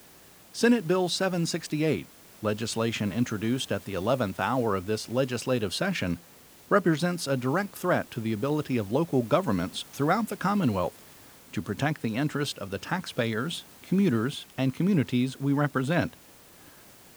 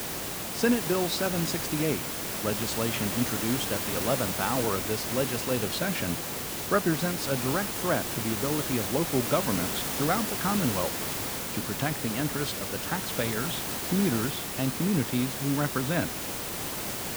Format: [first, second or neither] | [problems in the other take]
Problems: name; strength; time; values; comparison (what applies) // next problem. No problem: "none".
first | hiss; loud; throughout; as loud as the speech; faint in the first